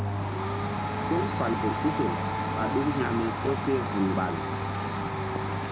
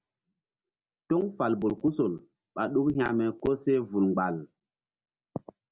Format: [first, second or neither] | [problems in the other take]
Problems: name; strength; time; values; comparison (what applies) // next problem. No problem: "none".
second | background sound (Domestic sounds, home sounds); 2 dB above the speech